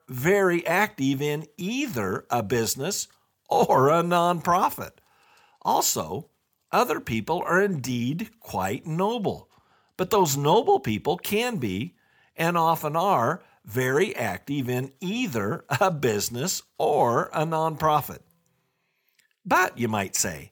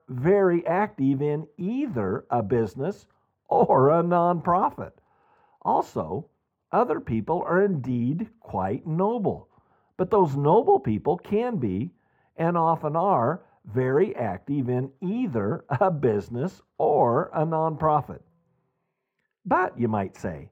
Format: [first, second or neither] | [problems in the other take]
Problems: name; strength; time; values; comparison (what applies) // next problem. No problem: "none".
first | muffled; very; fading above 2.5 kHz